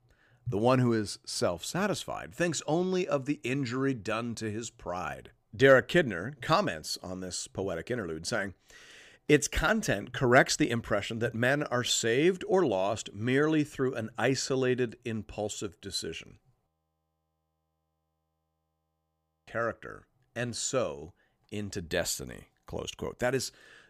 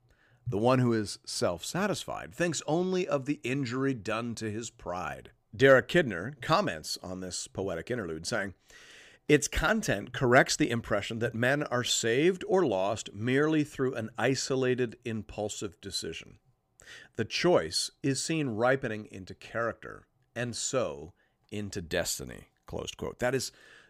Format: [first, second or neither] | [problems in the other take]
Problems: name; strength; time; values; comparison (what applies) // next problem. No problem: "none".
second | audio freezing; at 17 s for 3 s